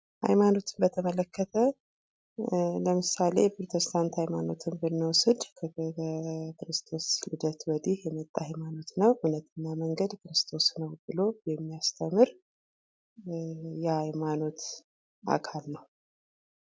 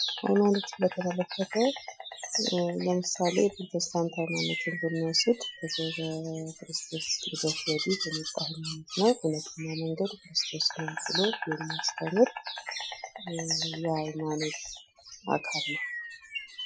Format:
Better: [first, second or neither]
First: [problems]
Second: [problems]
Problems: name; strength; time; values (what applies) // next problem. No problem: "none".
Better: first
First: none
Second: noise reduction (classical method Wiener filter)